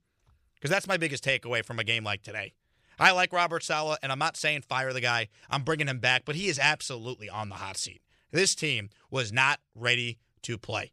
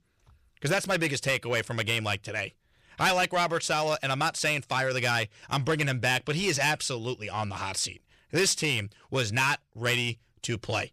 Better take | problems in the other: first | distortion; heavy; 7 dB below the speech

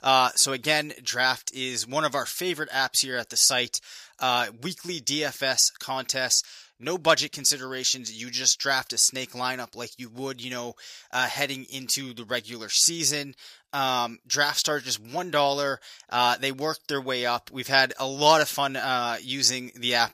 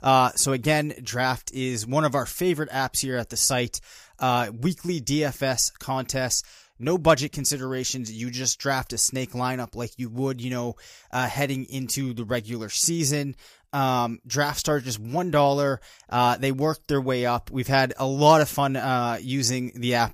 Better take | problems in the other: second | thin; somewhat; fading below 550 Hz

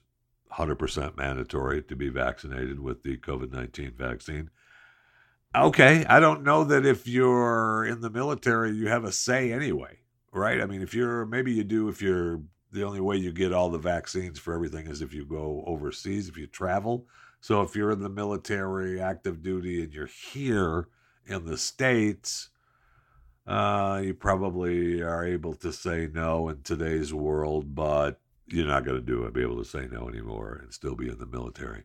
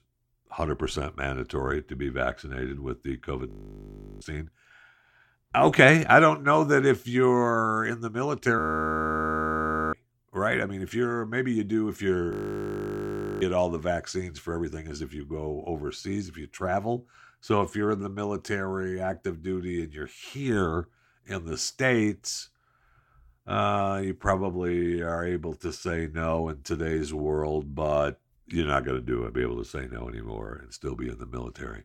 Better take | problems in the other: first | audio freezing; at 3.5 s for 0.5 s, at 8.5 s for 1.5 s and at 12 s for 1 s

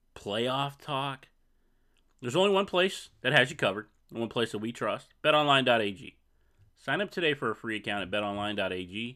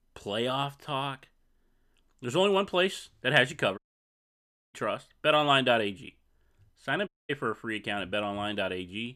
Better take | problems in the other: first | audio cutting out; at 4 s for 1 s and at 7 s

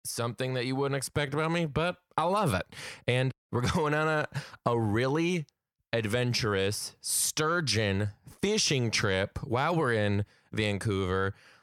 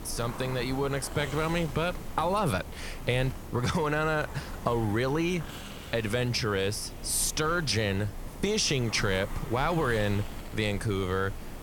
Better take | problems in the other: first | hiss; noticeable; throughout; 15 dB below the speech

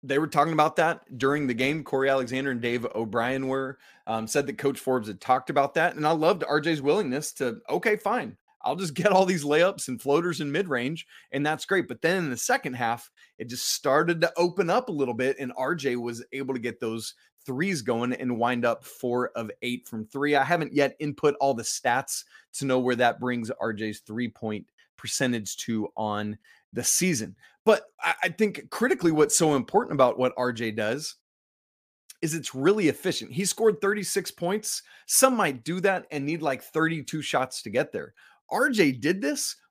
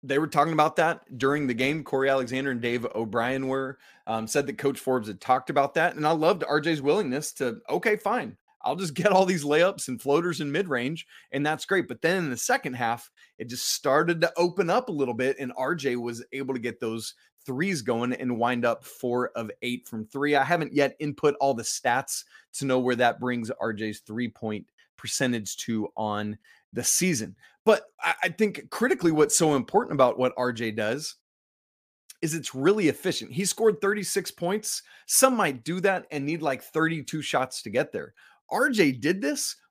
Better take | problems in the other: neither | none

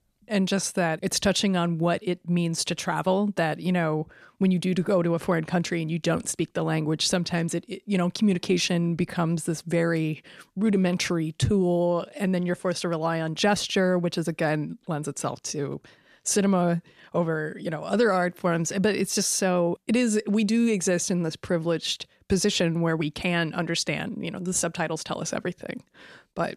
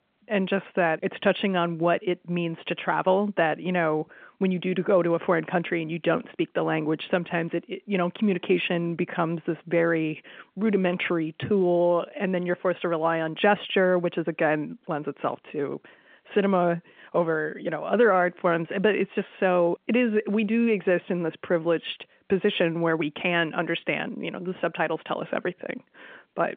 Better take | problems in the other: first | phone-call audio; nothing above 3.5 kHz

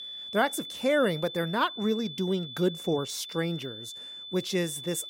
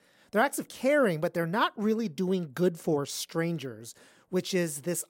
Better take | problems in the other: second | high-pitched whine; loud; throughout; 3.5 kHz, 10 dB below the speech

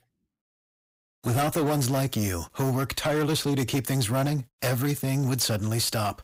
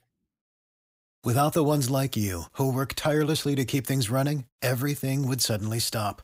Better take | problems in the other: second | distortion; slight; 14% of the sound clipped

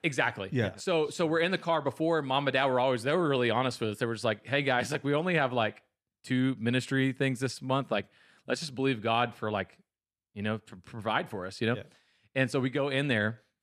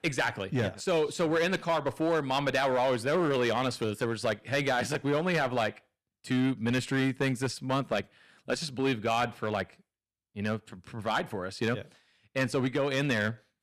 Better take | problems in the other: first | distortion; slight; 5% of the sound clipped

